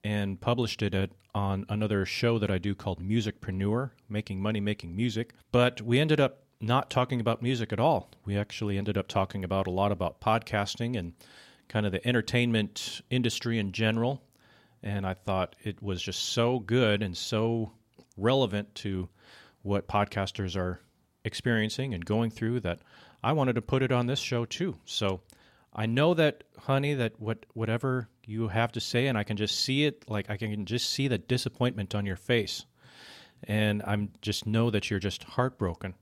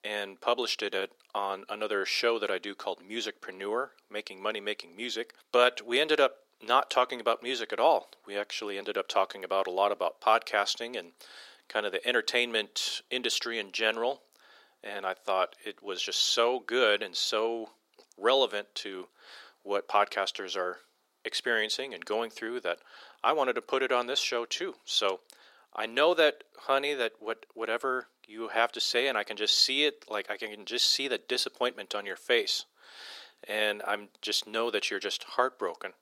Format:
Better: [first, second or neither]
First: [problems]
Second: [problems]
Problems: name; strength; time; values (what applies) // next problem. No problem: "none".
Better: first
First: none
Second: thin; very; fading below 400 Hz